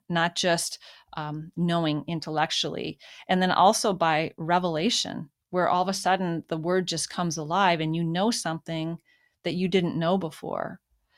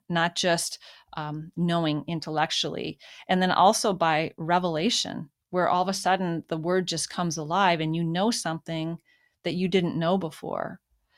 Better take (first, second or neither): neither